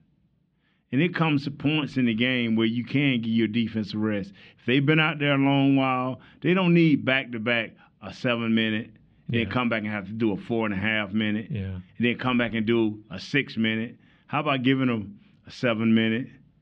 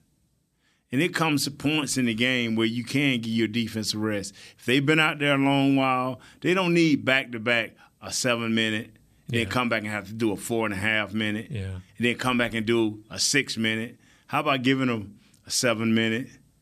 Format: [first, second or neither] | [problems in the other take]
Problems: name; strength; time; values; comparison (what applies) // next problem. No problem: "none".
second | muffled; very; fading above 3 kHz